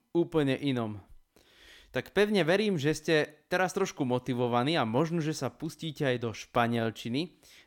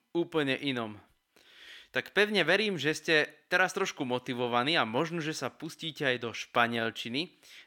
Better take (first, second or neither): first